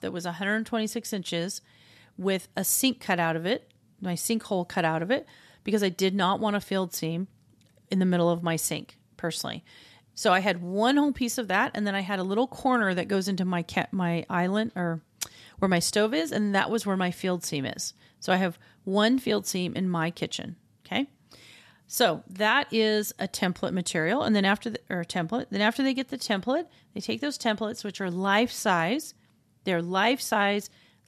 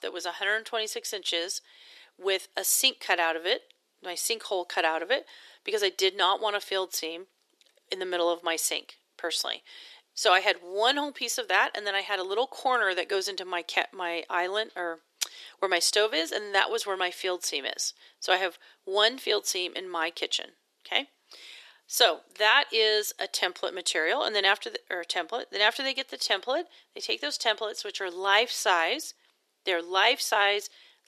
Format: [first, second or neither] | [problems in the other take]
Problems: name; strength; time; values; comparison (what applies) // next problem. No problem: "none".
first | thin; very; fading below 350 Hz